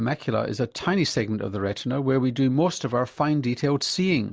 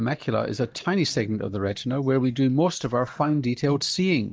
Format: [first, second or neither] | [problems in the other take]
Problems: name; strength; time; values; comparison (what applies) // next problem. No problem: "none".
first | noise reduction (neural mask model DeepFilterNet 3)